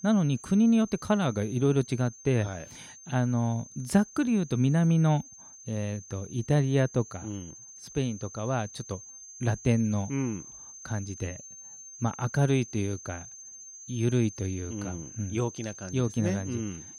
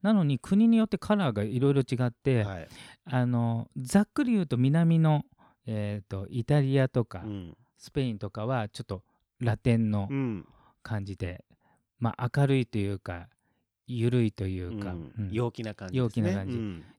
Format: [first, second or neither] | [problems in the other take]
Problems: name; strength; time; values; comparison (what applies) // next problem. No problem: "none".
second | high-pitched whine; noticeable; throughout; 6.5 kHz, 15 dB below the speech